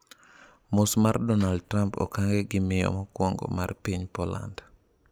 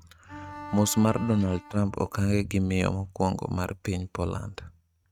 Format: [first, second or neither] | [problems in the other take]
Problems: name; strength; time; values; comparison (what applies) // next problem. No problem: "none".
first | noise reduction (neural mask model RNNoise)